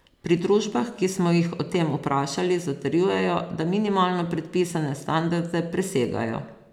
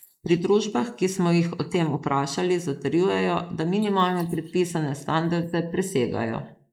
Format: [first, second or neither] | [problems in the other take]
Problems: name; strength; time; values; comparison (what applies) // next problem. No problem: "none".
first | noise reduction (neural mask model Resemble Enhance denoiser)